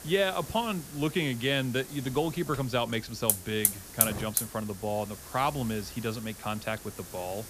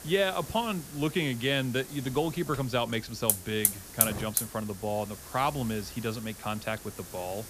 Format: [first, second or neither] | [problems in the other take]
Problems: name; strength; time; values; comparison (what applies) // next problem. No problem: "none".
neither | hiss; loud; throughout; as loud as the speech; the same in both